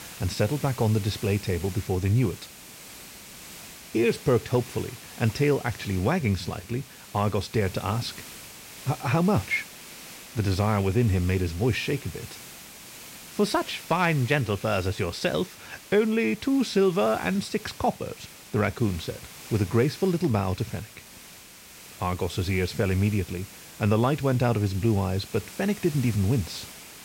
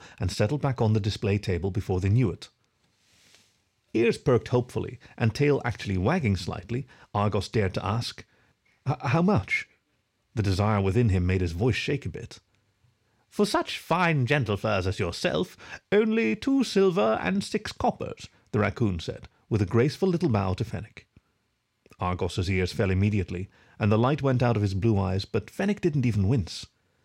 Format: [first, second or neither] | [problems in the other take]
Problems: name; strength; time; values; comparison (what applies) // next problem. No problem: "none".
second | hiss; noticeable; throughout; 15 dB below the speech